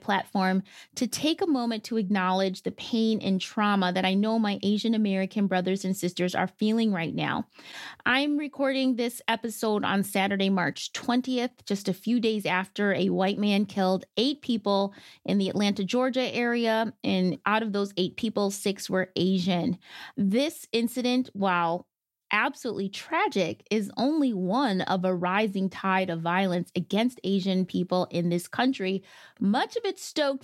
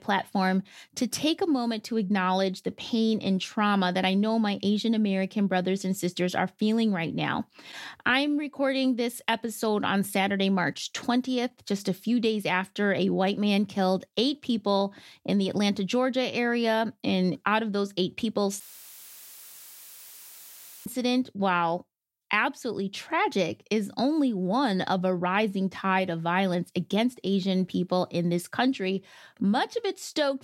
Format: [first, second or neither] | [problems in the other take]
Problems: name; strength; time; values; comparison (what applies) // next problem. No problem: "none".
first | audio cutting out; filled with static; at 19 s for 2.5 s